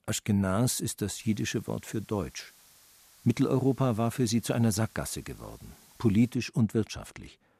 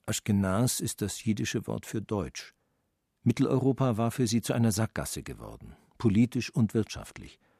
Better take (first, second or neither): second